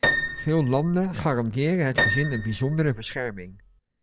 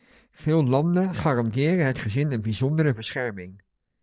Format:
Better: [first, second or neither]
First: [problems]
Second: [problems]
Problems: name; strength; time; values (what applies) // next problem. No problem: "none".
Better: second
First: background sound (Piano); 4 dB below the speech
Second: none